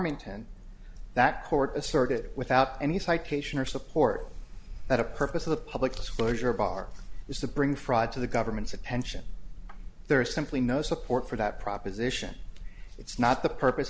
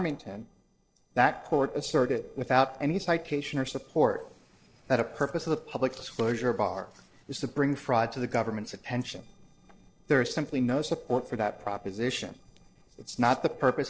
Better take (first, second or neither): first